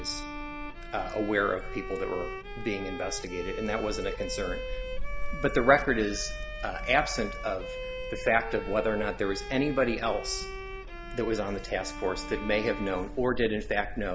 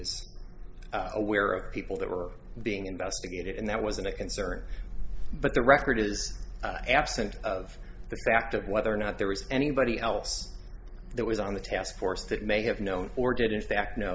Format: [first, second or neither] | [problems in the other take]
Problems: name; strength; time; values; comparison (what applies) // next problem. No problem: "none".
second | background sound (Bowed string instrument); 11 dB below the speech